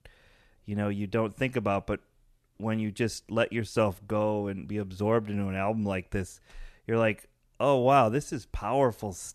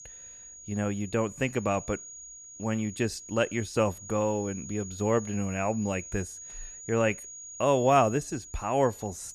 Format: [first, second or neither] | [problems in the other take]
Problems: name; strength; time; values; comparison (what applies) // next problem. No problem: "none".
first | high-pitched whine; noticeable; throughout; 6.5 kHz, 15 dB below the speech